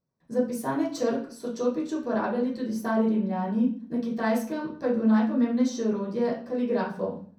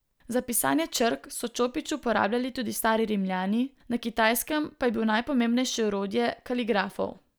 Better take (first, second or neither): second